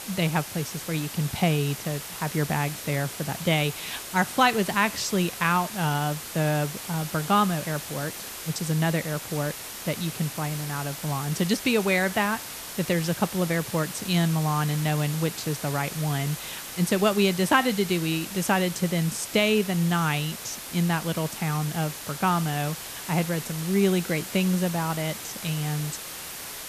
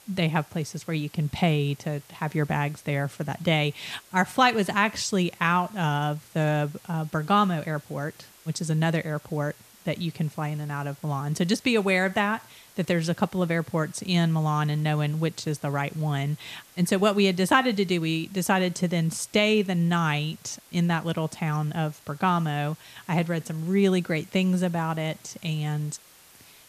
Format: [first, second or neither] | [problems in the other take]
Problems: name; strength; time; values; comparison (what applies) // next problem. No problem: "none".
second | hiss; loud; throughout; 9 dB below the speech; faint in the second